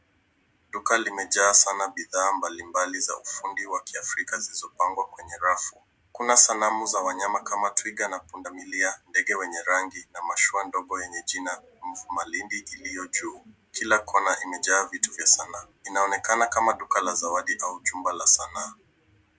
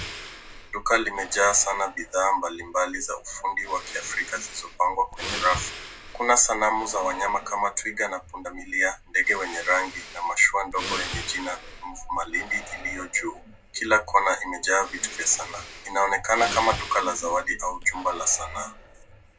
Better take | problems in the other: first | background sound (Breathing); 13 dB below the speech // room echo; dies away in 0.2 s

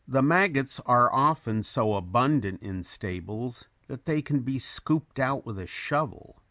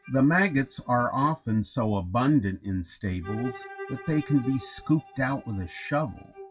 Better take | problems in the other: first | noise reduction (classical method WPE with log-MMSE)

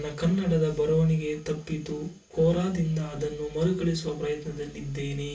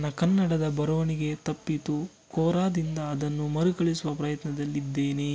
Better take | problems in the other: second | room echo; dies away in 0.3 s

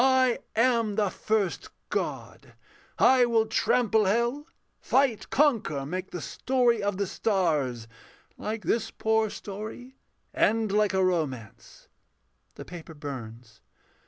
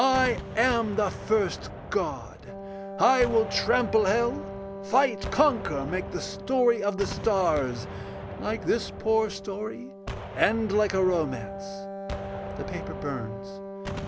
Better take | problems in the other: first | background sound (Gunshot, gunfire + Wind instrument, woodwind instrument); 9 dB below the speech

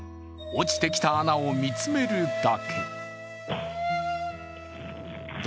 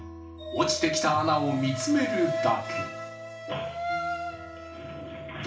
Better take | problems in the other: first | room echo; dies away in 0.4 s

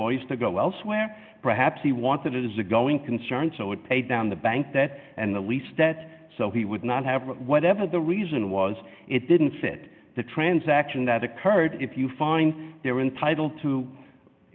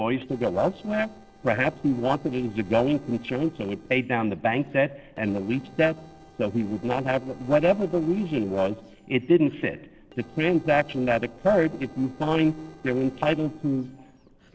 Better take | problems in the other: first | noise reduction (neural separator model SepFormer DNS4)

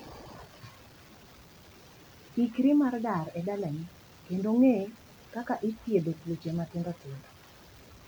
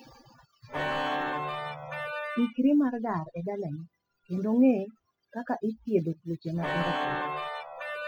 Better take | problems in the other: first | noise reduction (classical method spectral subtraction)

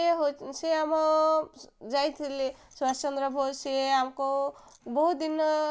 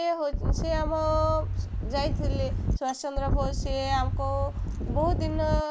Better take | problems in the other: first | background sound (Wind); 2 dB above the speech

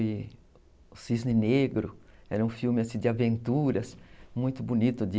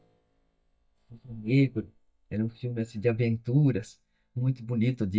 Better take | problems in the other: first | noise reduction (neural mask model DeepFilterNet 3)

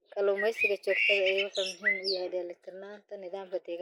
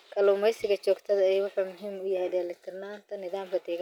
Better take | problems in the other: second | noise reduction (neural mask model Resemble Enhance denoiser)

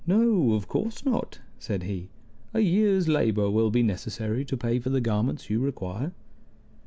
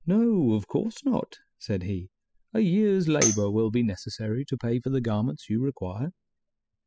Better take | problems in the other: first | noise reduction (classical method spectral subtraction)

